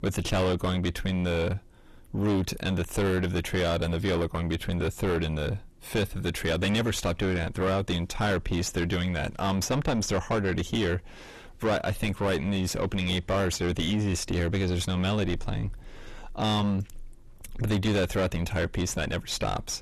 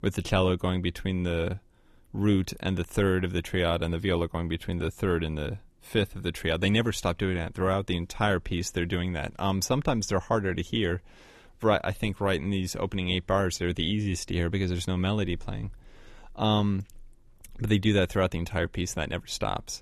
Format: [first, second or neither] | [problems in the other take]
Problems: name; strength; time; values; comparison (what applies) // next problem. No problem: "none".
second | distortion; heavy; 6 dB below the speech